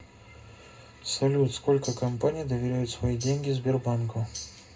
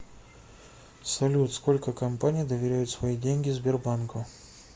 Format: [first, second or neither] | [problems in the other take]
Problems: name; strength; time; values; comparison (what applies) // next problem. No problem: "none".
second | background sound (Tambourine); 13 dB below the speech // room echo; dies away in 0.2 s